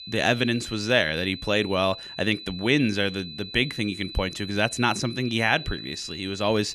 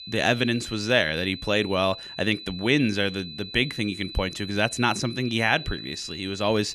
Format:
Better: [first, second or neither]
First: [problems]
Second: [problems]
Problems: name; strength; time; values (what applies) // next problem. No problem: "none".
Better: neither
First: high-pitched whine; noticeable; throughout; 4 kHz, 10 dB below the speech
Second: high-pitched whine; noticeable; throughout; 4 kHz, 10 dB below the speech